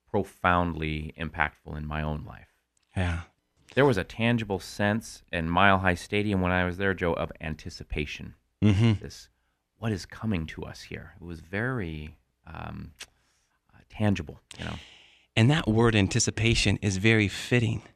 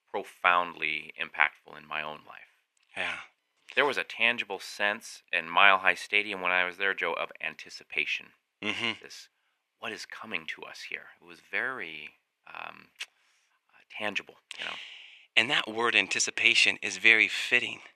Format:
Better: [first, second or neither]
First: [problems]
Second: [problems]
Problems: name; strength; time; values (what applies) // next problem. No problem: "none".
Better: first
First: none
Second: thin; very; fading below 500 Hz